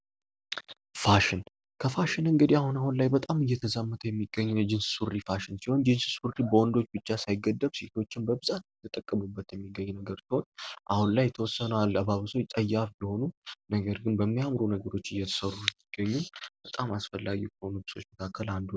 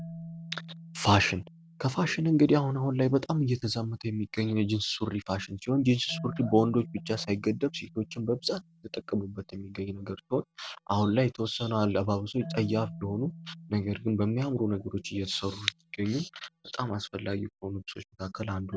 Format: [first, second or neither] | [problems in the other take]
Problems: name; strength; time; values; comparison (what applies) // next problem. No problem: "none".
first | background sound (Marimba, xylophone); 18 dB below the speech